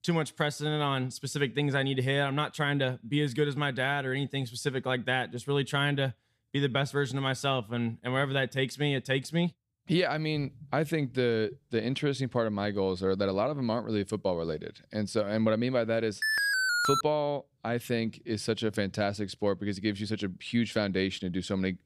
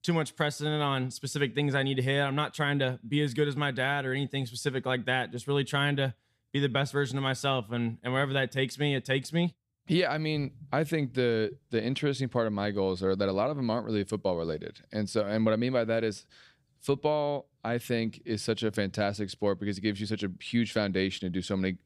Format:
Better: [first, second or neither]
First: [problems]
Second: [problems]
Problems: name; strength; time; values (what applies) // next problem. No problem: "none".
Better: second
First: alarm; loud; at 16 s; peak 4 dB above the speech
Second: none